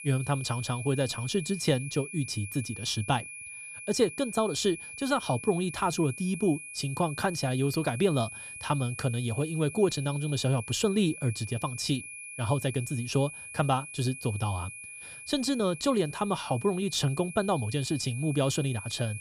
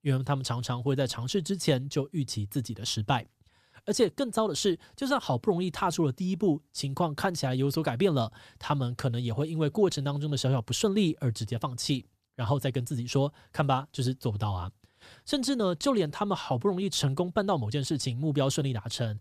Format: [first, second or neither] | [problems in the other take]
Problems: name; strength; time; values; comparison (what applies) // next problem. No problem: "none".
second | high-pitched whine; noticeable; throughout; 2.5 kHz, 10 dB below the speech